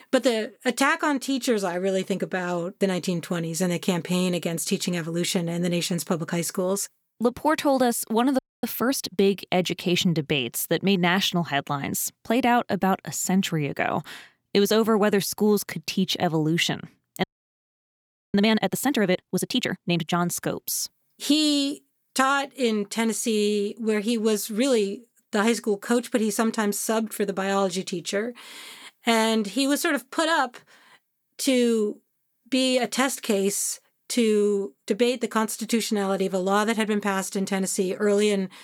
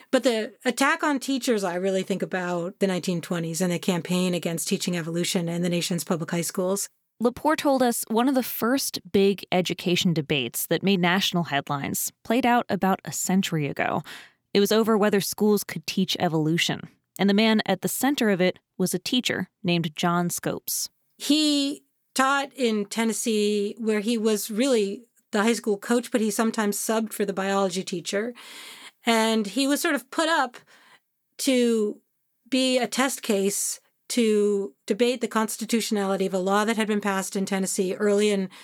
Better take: second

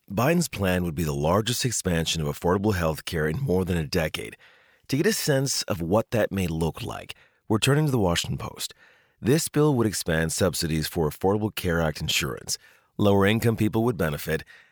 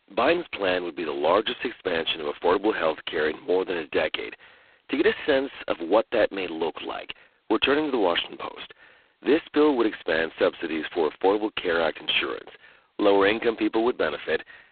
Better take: first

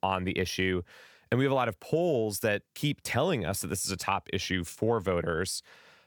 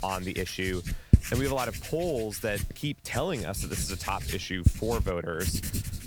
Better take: first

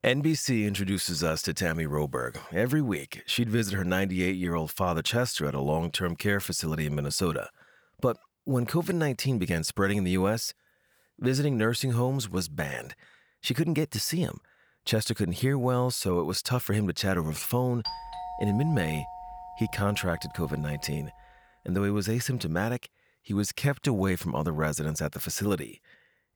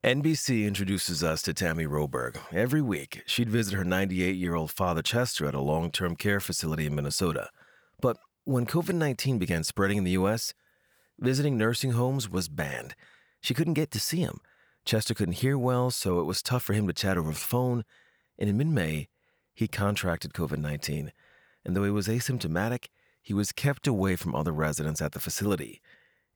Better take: second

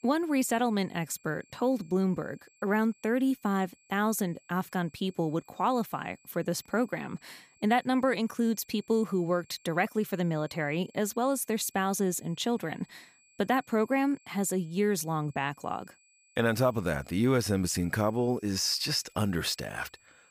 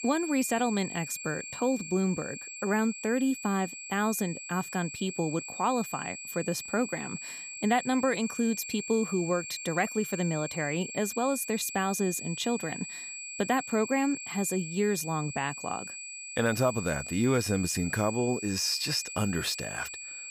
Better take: first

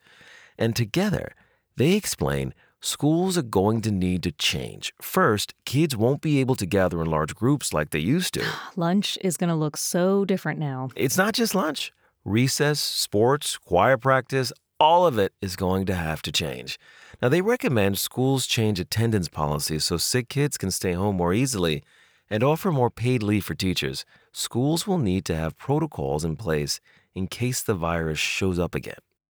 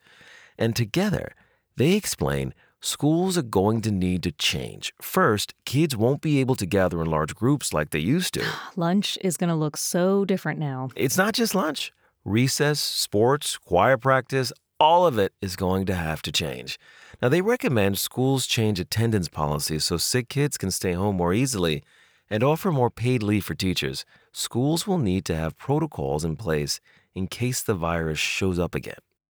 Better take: neither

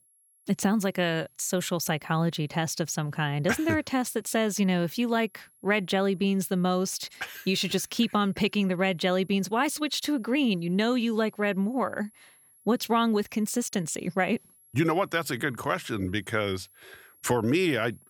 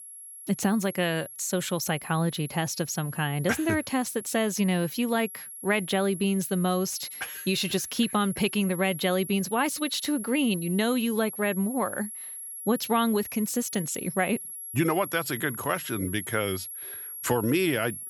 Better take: first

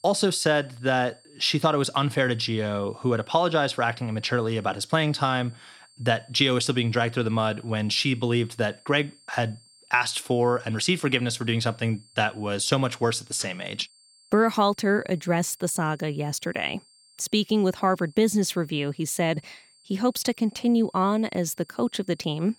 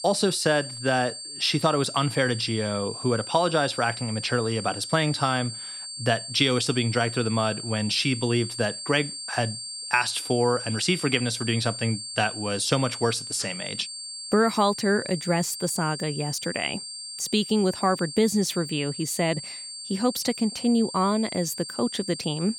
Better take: first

